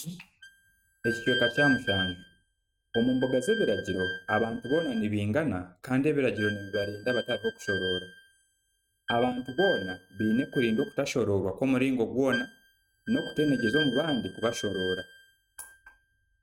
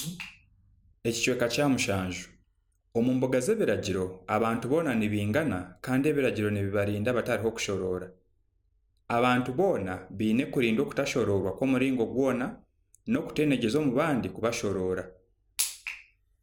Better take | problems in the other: second | noise reduction (neural mask model RNNoise)

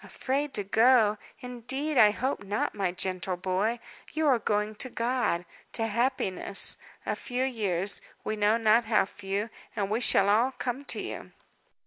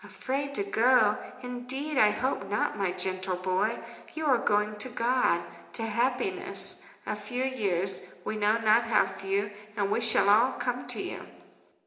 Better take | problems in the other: first | room echo; dies away in 0.8 s

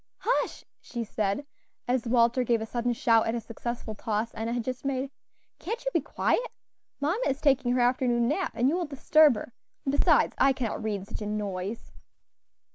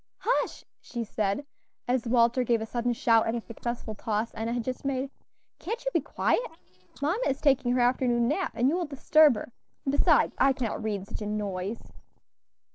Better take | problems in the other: first | noise reduction (neural separator model SepFormer DNS4)

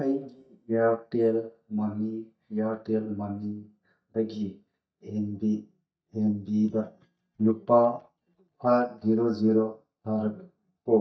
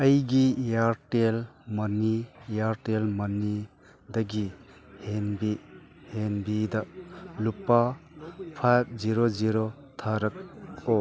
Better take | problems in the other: second | noise reduction (neural mask model DeepFilterNet 3)

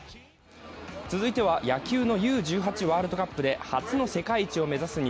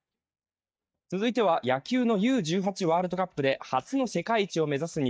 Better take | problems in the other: first | noise reduction (neural mask model DeepFilterNet 3)

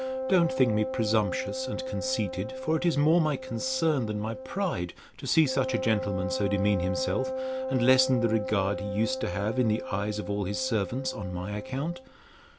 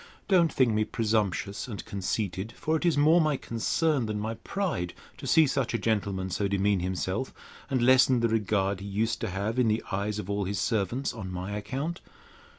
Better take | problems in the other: second | background sound (Wind instrument, woodwind instrument); 6 dB below the speech

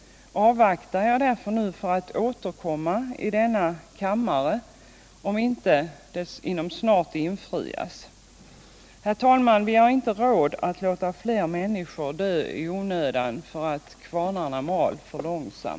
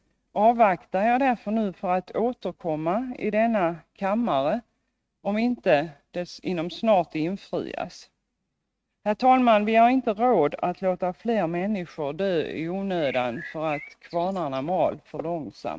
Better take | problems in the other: first | noise reduction (neural mask model RNNoise)

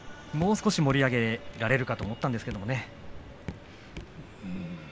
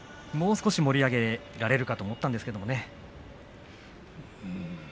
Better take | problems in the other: second | background sound (Raindrop / Drip); 14 dB below the speech

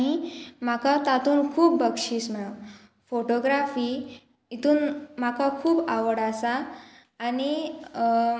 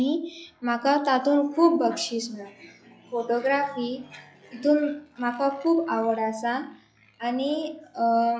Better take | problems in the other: first | noise reduction (classical method log-MMSE)

